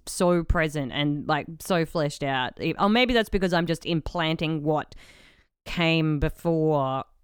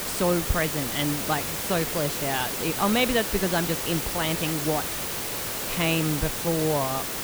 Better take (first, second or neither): first